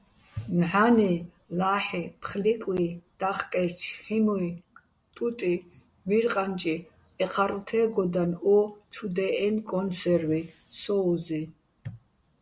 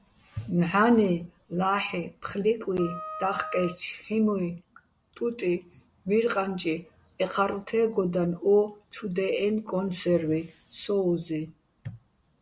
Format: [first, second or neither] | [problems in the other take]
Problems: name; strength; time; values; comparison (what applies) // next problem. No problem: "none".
first | background sound (Wind instrument, woodwind instrument); 12 dB below the speech